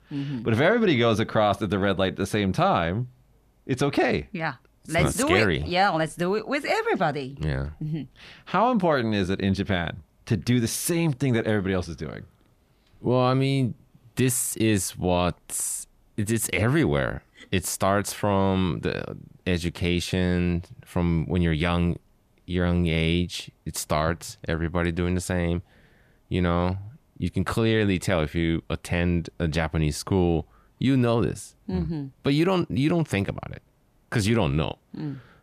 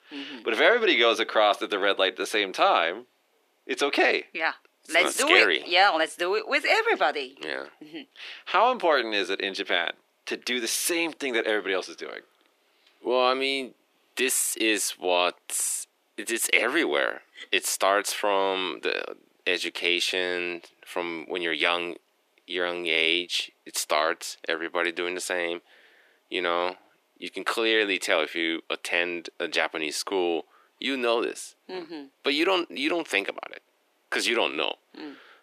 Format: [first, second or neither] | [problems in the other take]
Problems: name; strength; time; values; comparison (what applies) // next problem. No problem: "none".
first | thin; very; fading below 350 Hz